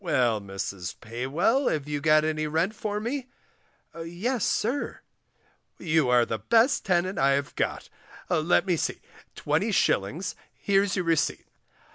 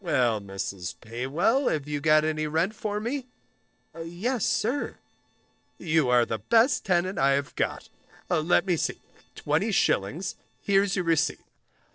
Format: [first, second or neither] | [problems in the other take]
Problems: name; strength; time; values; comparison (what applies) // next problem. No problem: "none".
first | noise reduction (neural separator model SepFormer DNS4)